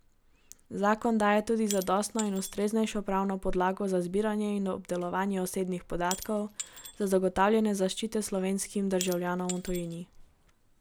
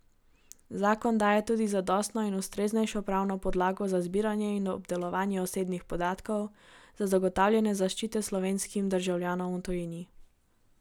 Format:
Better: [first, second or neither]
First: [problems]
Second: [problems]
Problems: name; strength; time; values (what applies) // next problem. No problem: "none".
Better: second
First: background sound (Shatter / Crushing); 17 dB below the speech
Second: none